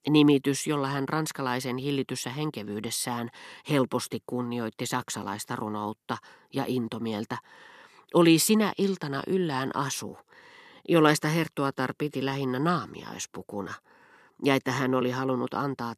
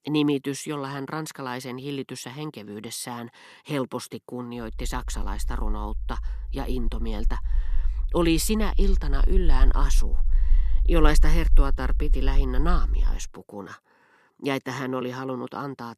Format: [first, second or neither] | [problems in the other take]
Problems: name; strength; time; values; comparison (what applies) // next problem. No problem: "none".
first | low rumble; faint; from 4.5 to 13 s; 20 dB below the speech